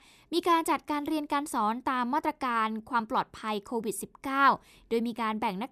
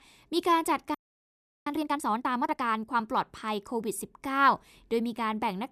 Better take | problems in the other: first | audio freezing; at 1 s for 0.5 s

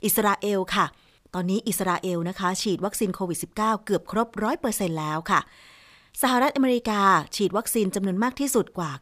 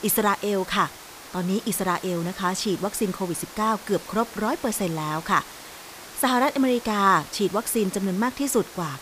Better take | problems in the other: first | hiss; noticeable; throughout; 15 dB below the speech

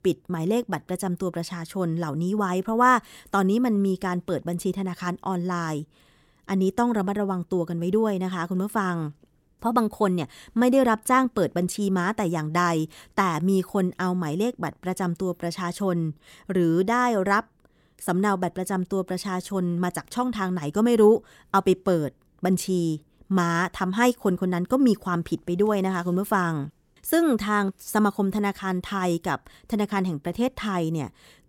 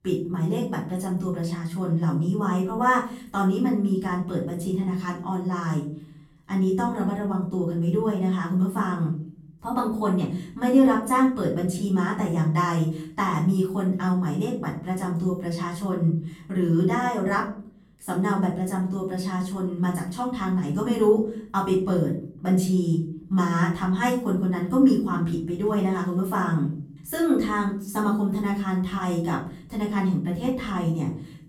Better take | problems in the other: first | off-mic speech; far // room echo; slight; dies away in 0.6 s

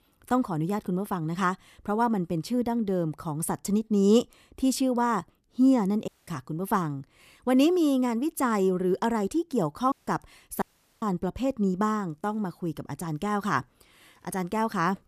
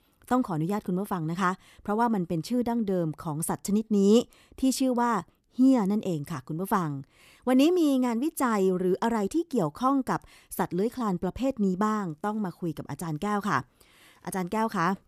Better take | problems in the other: second | audio cutting out; at 6 s, at 10 s and at 11 s

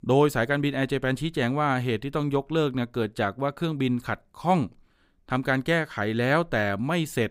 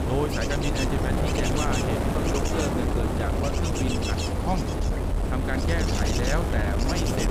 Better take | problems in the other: first | wind noise on the microphone; heavy; 3 dB above the speech

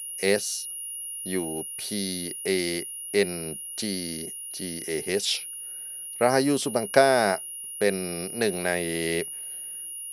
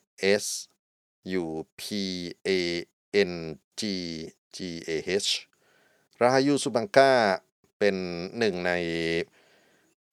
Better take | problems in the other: second | high-pitched whine; loud; throughout; 10.5 kHz, 7 dB below the speech

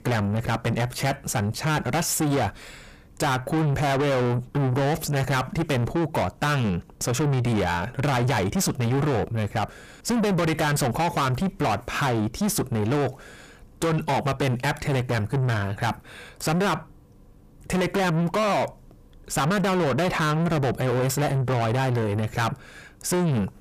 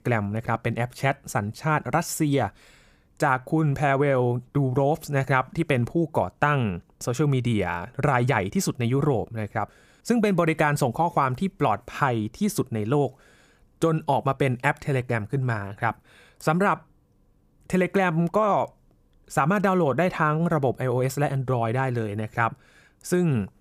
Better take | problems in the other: second | distortion; heavy; 6 dB below the speech

